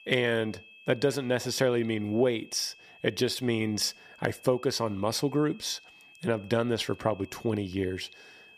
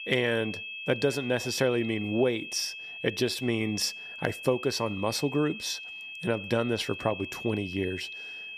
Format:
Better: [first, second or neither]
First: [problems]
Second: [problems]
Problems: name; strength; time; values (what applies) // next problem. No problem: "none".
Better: first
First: high-pitched whine; faint; throughout; 2.5 kHz, 20 dB below the speech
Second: high-pitched whine; loud; throughout; 2.5 kHz, 8 dB below the speech